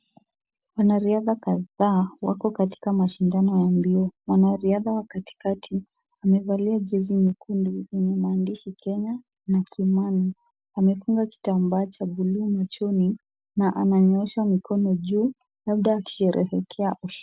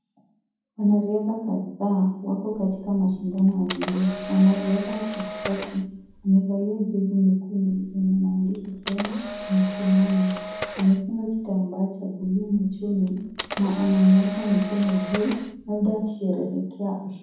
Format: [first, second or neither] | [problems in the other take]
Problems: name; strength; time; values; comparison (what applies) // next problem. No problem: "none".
first | background sound (Camera); 12 dB below the speech // room echo; dies away in 1.2 s